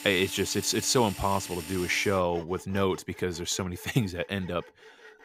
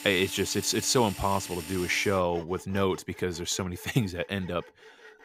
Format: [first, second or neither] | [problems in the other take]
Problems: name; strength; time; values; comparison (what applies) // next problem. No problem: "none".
neither | machinery noise; noticeable; throughout; 15 dB below the speech; the same in both